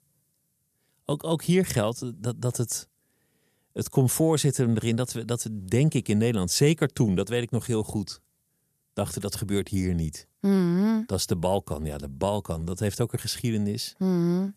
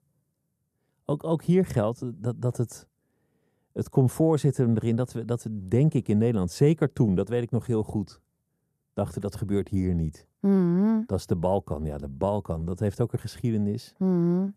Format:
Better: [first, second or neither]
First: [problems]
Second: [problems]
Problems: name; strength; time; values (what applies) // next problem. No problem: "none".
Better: first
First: none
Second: muffled; slightly; fading above 2 kHz